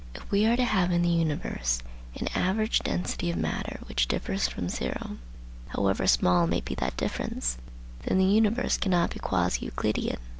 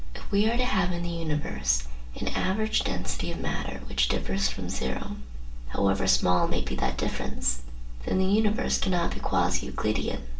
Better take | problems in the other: first | room echo; dies away in 0.3 s

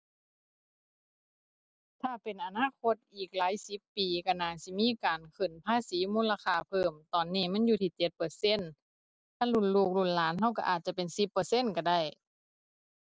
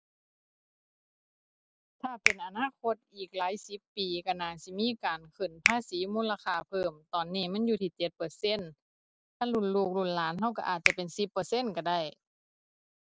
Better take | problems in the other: first | background sound (Finger snapping); 3 dB below the speech

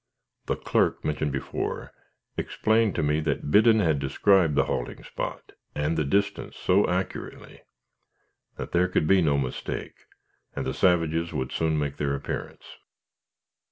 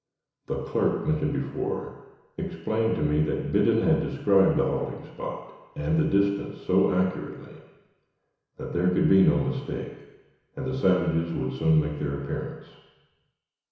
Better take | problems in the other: first | room echo; dies away in 1 s

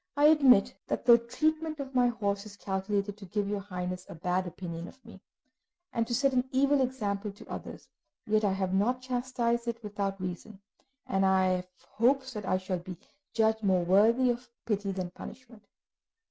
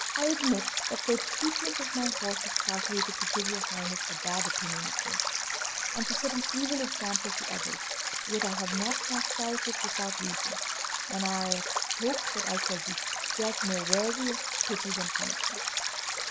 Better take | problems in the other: first | background sound (Stream); 3 dB above the speech

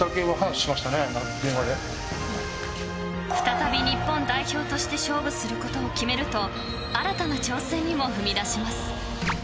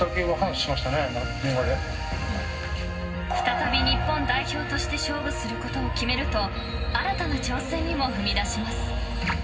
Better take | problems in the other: first | room echo; dies away in 0.4 s

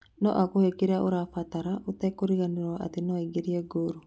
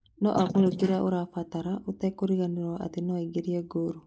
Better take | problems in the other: first | noise reduction (neural mask model Resemble Enhance denoiser)

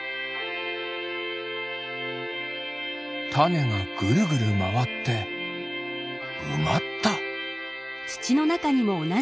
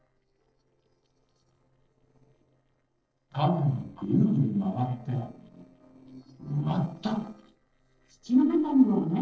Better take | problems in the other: first | noise reduction (neural separator model SepFormer DNS4)

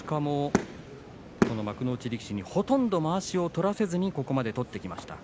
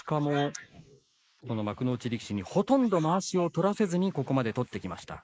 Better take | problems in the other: first | noise reduction (neural mask model Resemble Enhance denoiser)

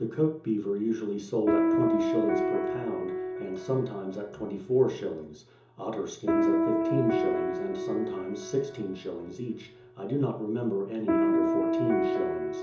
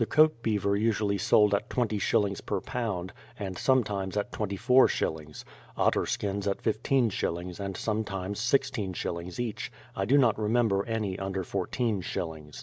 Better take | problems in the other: second | background sound (Piano); 1 dB above the speech // room echo; dies away in 0.6 s

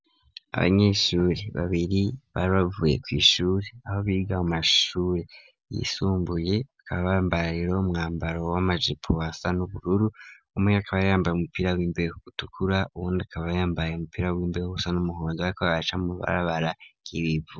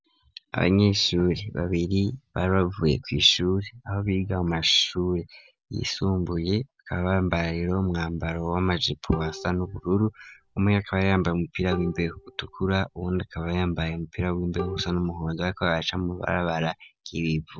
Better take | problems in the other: first | background sound (Bowed string instrument); 15 dB below the speech

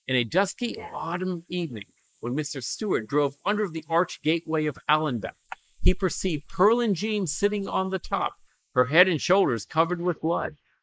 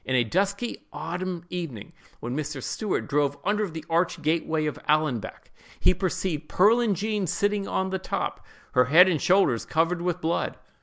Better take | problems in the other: second | noise reduction (neural mask model Resemble Enhance denoiser)

